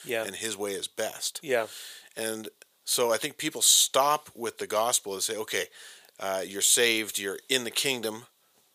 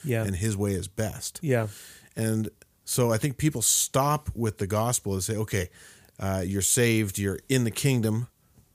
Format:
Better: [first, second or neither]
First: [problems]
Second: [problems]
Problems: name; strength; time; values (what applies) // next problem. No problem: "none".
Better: second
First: thin; very; fading below 550 Hz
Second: none